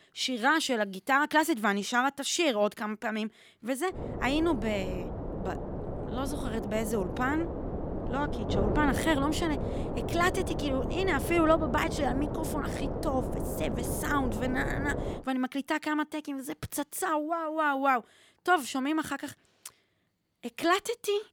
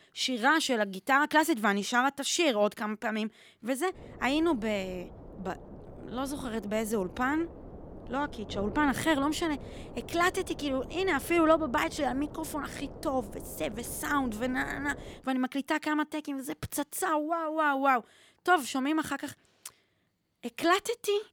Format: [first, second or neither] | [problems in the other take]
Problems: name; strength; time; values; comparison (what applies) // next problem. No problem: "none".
second | wind noise on the microphone; heavy; from 4 to 15 s; 8 dB below the speech; occasional gusts in the second